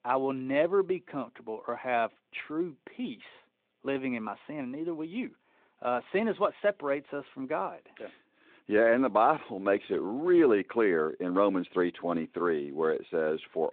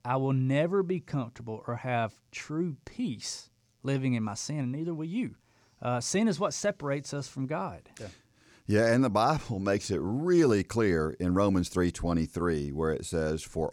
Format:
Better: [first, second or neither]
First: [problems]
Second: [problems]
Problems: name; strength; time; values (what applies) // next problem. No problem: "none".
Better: second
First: phone-call audio; nothing above 3.5 kHz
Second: none